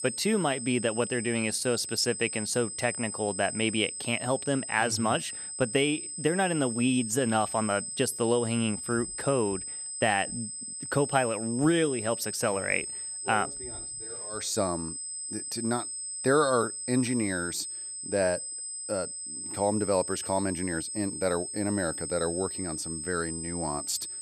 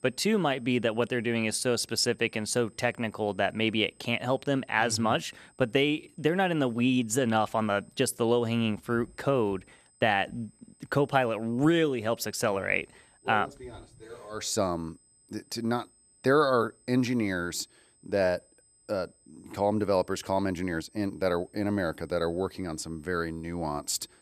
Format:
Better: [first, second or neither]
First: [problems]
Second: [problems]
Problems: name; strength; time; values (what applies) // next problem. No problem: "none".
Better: second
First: high-pitched whine; loud; throughout; 8 kHz, 5 dB below the speech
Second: high-pitched whine; faint; throughout; 8 kHz, 30 dB below the speech